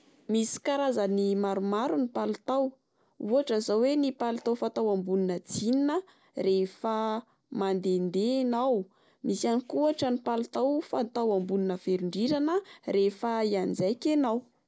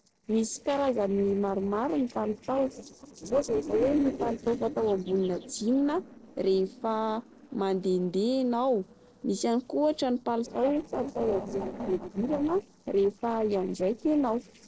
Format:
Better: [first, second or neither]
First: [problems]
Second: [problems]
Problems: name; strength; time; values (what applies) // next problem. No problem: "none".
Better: first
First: none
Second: noise reduction (neural separator model SepFormer DNS4)